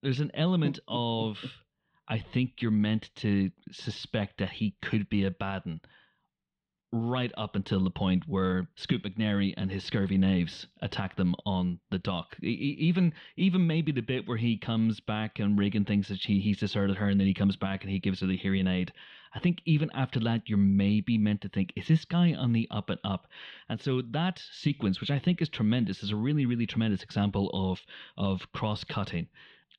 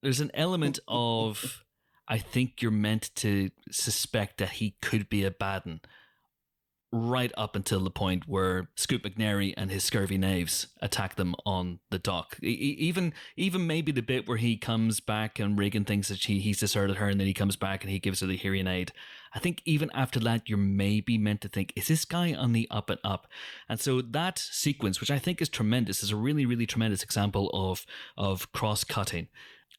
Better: second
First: muffled; slightly; fading above 3.5 kHz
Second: none

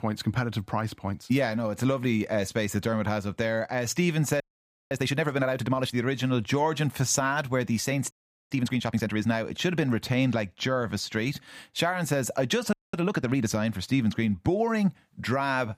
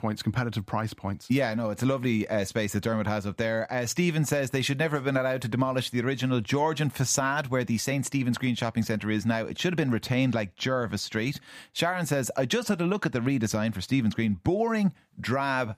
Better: second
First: audio freezing; at 4.5 s for 0.5 s, at 8 s and at 13 s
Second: none

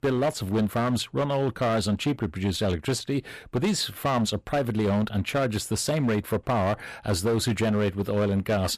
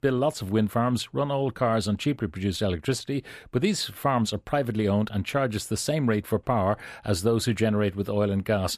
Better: second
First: distortion; slight; 12% of the sound clipped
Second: none

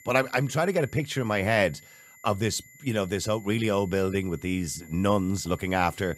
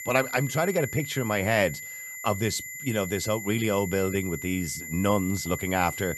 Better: first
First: high-pitched whine; faint; throughout; 2 kHz, 25 dB below the speech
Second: high-pitched whine; loud; throughout; 2 kHz, 8 dB below the speech

